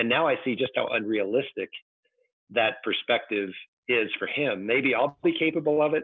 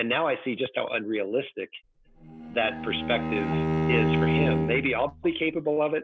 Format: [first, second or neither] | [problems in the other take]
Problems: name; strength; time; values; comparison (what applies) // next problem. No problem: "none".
first | background sound (Bowed string instrument); 1 dB above the speech